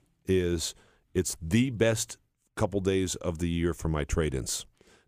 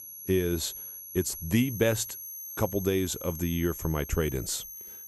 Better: first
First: none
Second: high-pitched whine; loud; throughout; 11.5 kHz, 9 dB below the speech

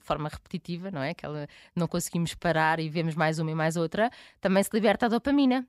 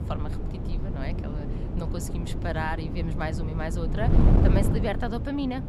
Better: first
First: none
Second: wind noise on the microphone; heavy; 3 dB below the speech

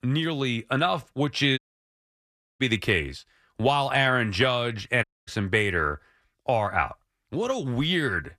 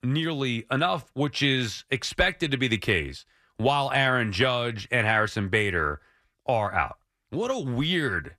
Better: second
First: audio cutting out; at 1.5 s for 1 s and at 5 s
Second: none

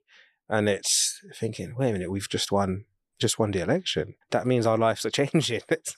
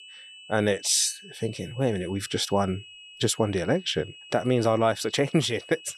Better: first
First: none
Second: high-pitched whine; noticeable; throughout; 3 kHz, 20 dB below the speech

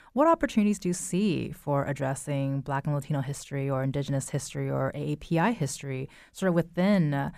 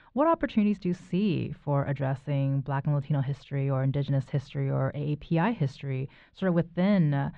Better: first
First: none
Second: muffled; slightly; fading above 4 kHz

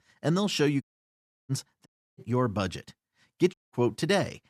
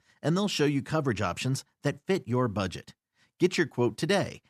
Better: second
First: audio cutting out; at 1 s for 0.5 s, at 2 s and at 3.5 s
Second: none

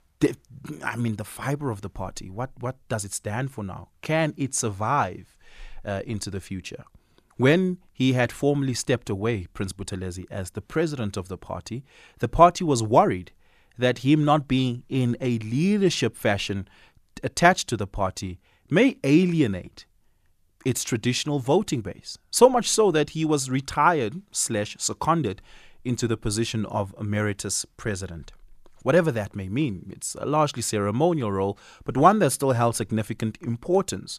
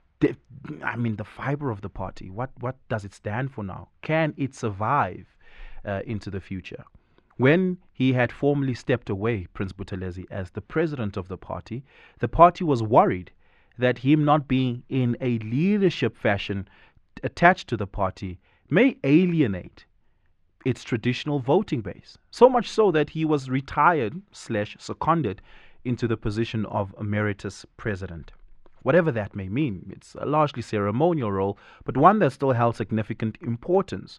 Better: first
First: none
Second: muffled; slightly; fading above 2.5 kHz

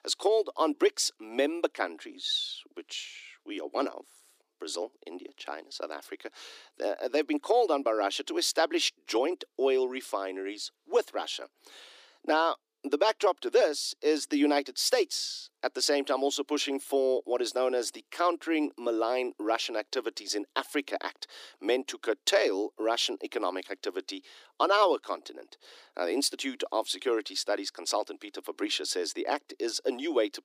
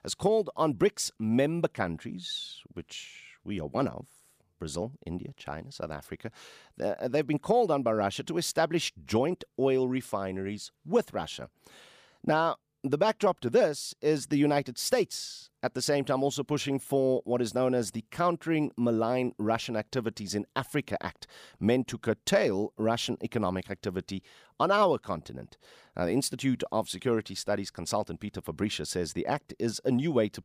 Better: second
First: thin; very slightly; fading below 300 Hz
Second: none

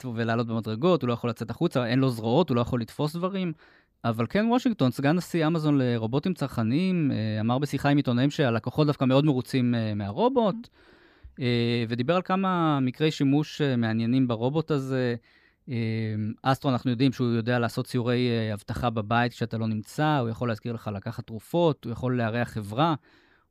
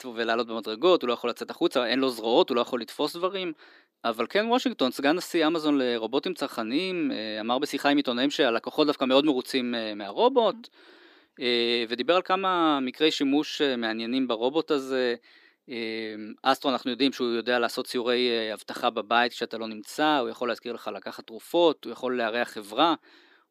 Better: first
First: none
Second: thin; somewhat; fading below 300 Hz

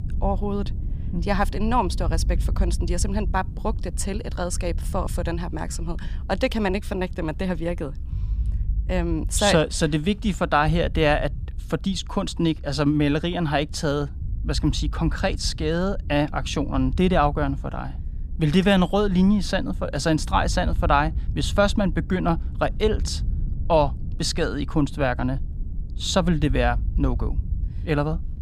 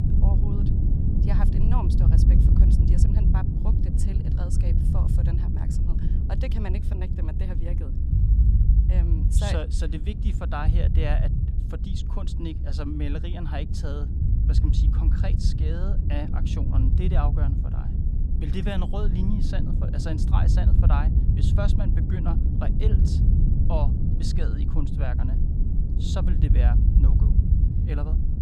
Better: first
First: low rumble; faint; throughout; 20 dB below the speech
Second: low rumble; loud; throughout; 1 dB below the speech

